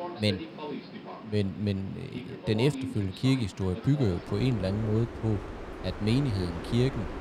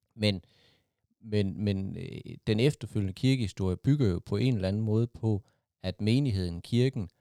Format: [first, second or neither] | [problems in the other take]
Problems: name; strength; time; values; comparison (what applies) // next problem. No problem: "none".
second | train or aircraft noise; noticeable; throughout; 10 dB below the speech